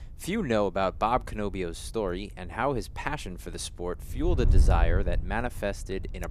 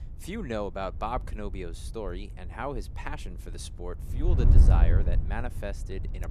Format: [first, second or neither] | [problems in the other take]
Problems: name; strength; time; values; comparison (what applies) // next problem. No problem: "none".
first | wind noise on the microphone; heavy; 6 dB below the speech; occasional gusts in the first